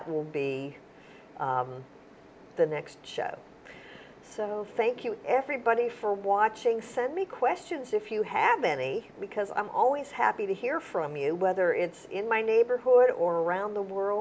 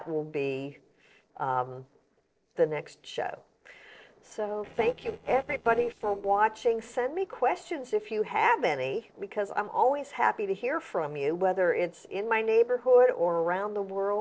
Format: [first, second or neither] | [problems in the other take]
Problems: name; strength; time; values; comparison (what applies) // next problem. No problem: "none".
first | noise reduction (neural separator model SepFormer DNS4)